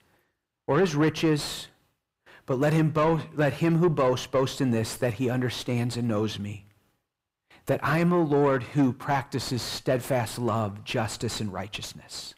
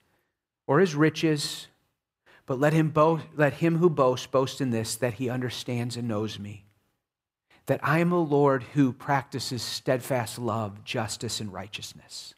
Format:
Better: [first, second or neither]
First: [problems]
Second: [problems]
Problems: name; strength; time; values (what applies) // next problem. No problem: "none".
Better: second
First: distortion; slight; 10 dB below the speech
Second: none